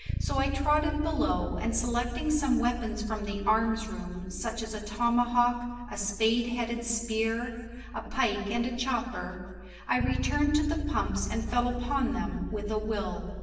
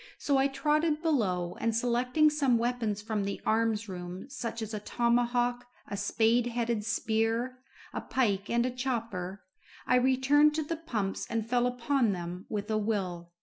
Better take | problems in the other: second | background sound (Bass guitar); 6 dB below the speech // room echo; dies away in 1.3 s

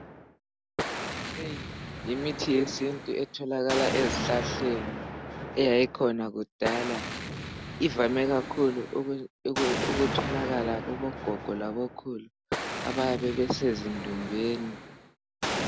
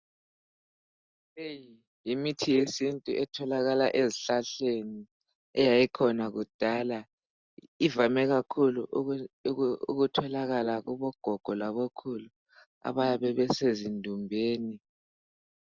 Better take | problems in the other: second | background sound (Explosion); 5 dB below the speech

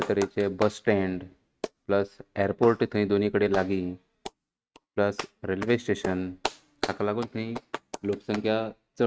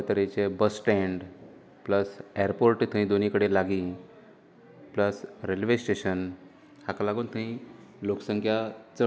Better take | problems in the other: second | noise reduction (neural mask model RNNoise)

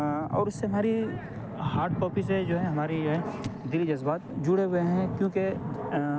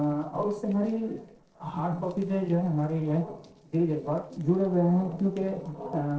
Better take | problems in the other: first | noise reduction (neural separator model SepFormer DNS4)

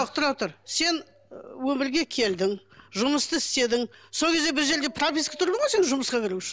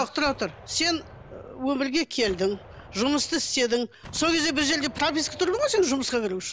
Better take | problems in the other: first | background sound (Gunshot, gunfire); 20 dB below the speech

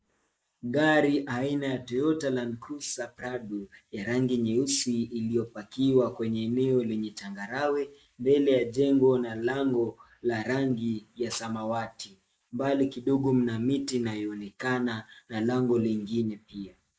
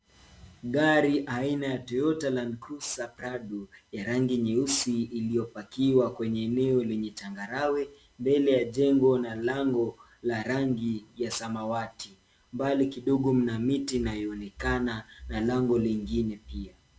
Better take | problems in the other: second | noise reduction (neural mask model Resemble Enhance denoiser)

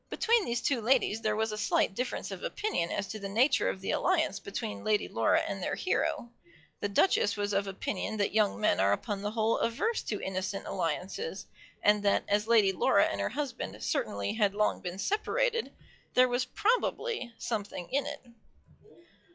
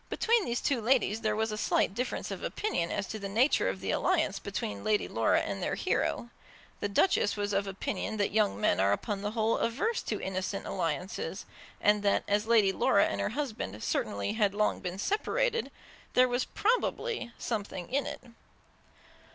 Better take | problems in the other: second | noise reduction (classical method log-MMSE)

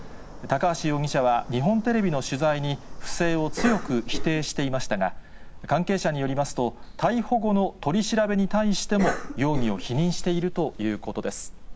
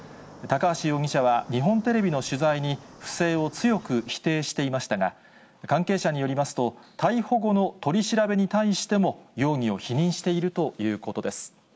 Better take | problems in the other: second | background sound (Cough); 7 dB below the speech

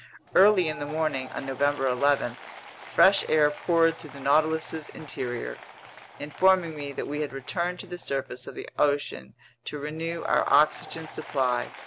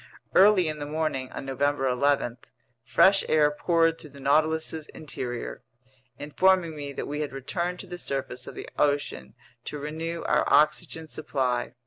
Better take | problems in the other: second | background sound (Applause / Crowd); 18 dB below the speech

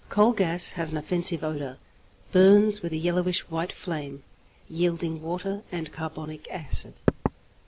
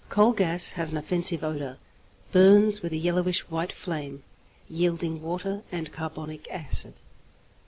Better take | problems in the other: second | background sound (Knock / Wood); 2 dB below the speech

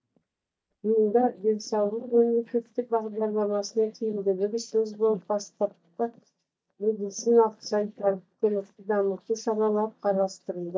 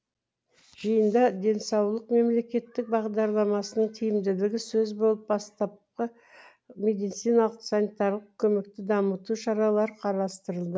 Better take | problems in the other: second | noise reduction (neural mask model DeepFilterNet 3)

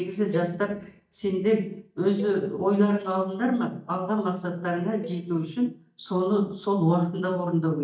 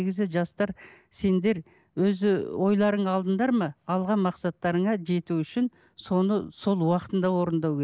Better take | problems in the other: second | noise reduction (neural mask model DeepFilterNet 3)

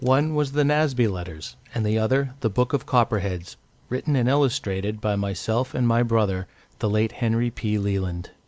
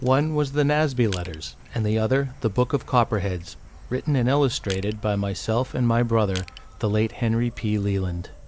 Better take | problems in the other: first | background sound (Crushing + Insect); 18 dB below the speech

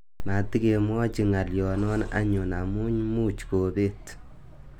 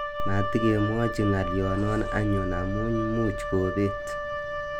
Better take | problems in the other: first | background sound (Wind instrument, woodwind instrument); 6 dB below the speech

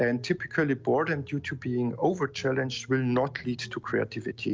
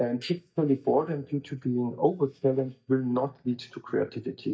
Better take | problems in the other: first | noise reduction (neural mask model DeepFilterNet 3)

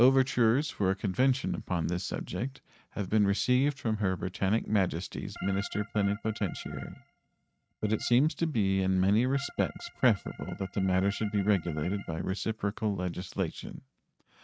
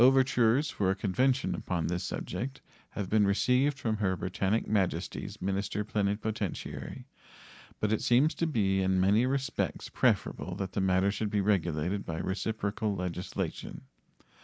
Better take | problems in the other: second | noise reduction (neural mask model RNNoise)

